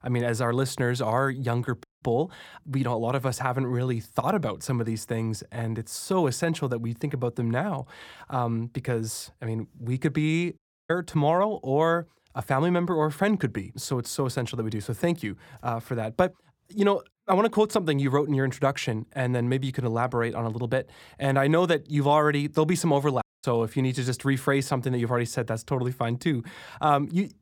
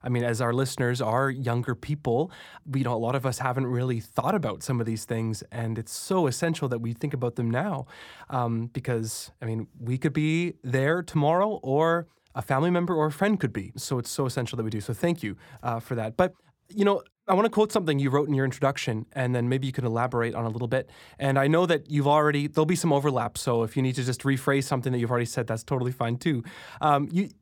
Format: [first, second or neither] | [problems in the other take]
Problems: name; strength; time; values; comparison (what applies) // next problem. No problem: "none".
second | audio cutting out; at 2 s, at 11 s and at 23 s